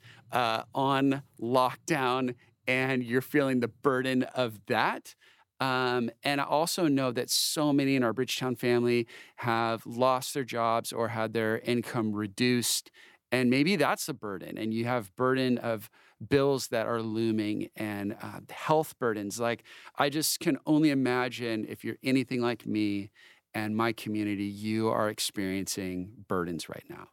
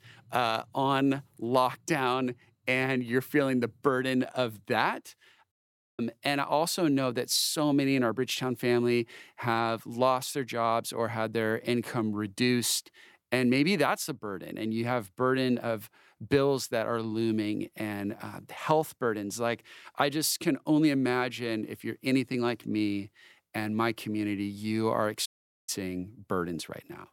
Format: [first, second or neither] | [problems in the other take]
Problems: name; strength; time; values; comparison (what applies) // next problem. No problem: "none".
first | audio cutting out; at 5.5 s and at 25 s